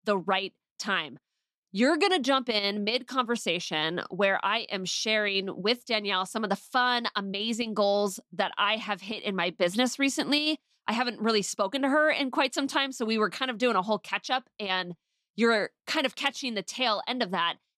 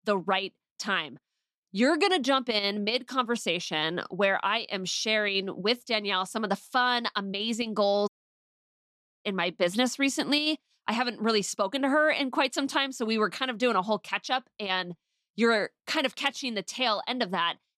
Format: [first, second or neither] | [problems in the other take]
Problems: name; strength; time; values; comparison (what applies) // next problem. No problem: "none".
first | audio cutting out; at 8 s for 1 s